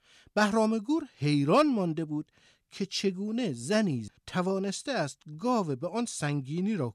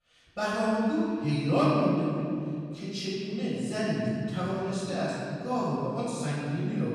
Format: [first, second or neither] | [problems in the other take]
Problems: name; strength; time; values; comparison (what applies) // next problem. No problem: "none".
first | room echo; strong; dies away in 2.6 s // off-mic speech; far